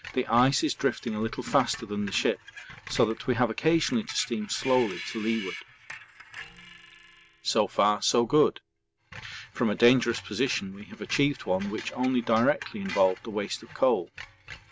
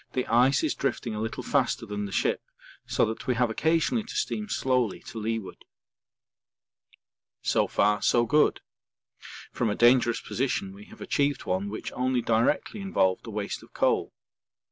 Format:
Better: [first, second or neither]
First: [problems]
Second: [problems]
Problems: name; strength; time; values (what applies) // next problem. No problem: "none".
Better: second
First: background sound (Screech); 17 dB below the speech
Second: none